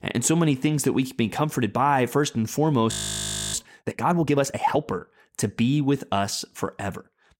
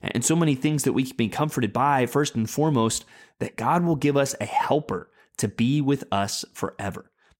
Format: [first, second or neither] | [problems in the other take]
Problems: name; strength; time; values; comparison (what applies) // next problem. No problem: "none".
second | audio freezing; at 3 s for 0.5 s